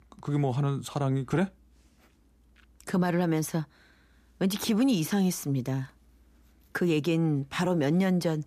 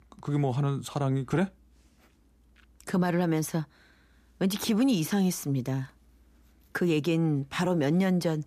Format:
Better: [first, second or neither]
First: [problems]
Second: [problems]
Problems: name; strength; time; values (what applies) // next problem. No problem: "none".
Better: neither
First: none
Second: none